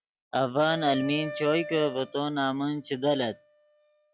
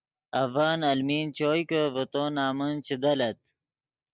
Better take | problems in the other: second | noise reduction (classical method log-MMSE)

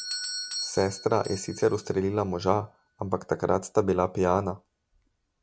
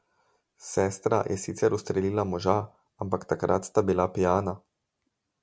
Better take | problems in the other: second | background sound (Doorbell); 13 dB below the speech

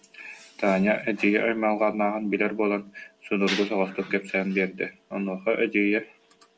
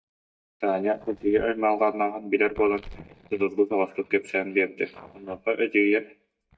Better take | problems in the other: first | noise reduction (neural mask model DeepFilterNet 3)

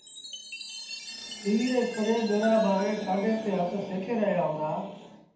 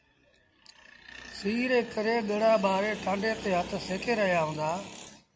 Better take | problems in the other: second | background sound (Chime); 15 dB below the speech // room echo; dies away in 0.6 s

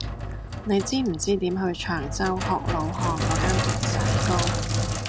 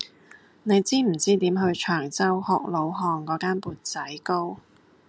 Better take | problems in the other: second | background sound (Sink (filling or washing)); 1 dB above the speech

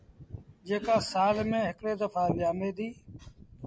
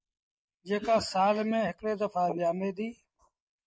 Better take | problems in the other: first | noise reduction (neural mask model Resemble Enhance denoiser)

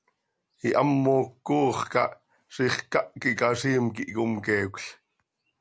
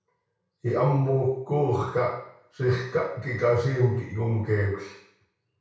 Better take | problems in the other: first | room echo; dies away in 0.6 s

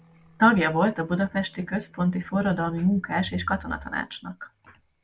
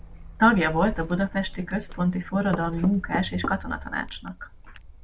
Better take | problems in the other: first | background sound (Bird + Knock / Wood); 11 dB below the speech

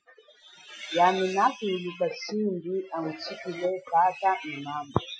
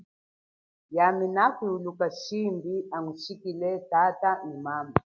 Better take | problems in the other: second | noise reduction (classical method Wiener filter)

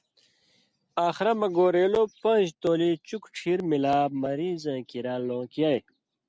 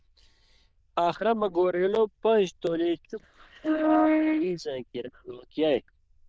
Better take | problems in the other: first | noise reduction (neural diffusion model UNIVERSE++)

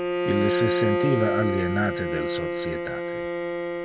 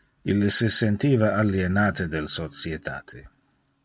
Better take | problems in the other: second | background sound (Bowed string instrument); 2 dB above the speech

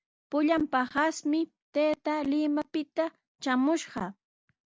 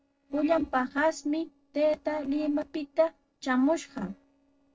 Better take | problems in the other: first | noise reduction (neural separator model SepFormer DNS4)

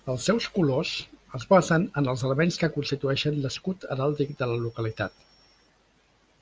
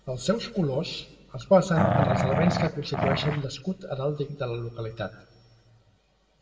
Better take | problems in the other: first | background sound (Growling); 3 dB above the speech // room echo; dies away in 1.4 s

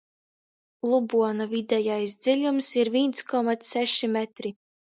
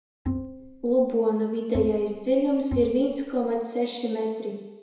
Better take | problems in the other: first | background sound (Bowed string instrument); 8 dB below the speech // room echo; dies away in 1 s

